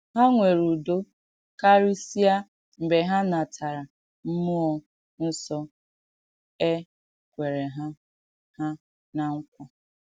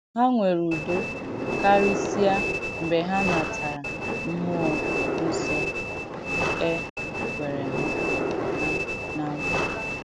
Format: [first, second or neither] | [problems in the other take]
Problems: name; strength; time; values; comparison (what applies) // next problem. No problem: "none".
first | background sound (Train); as loud as the speech